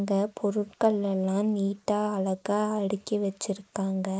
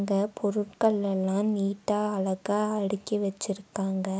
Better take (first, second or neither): second